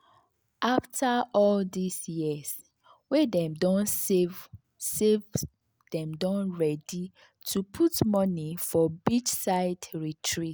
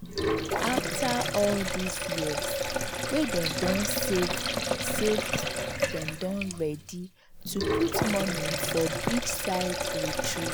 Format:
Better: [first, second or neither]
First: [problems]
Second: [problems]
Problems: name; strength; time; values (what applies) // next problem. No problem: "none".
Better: first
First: none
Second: background sound (Sink (filling or washing)); 1 dB above the speech